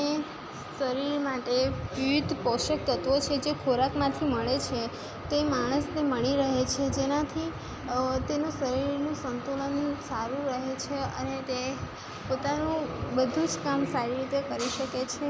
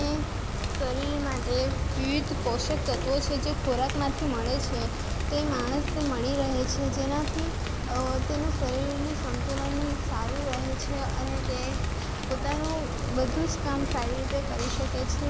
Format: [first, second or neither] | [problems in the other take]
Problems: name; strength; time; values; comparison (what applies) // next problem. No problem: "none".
first | background sound (Rain); 1 dB above the speech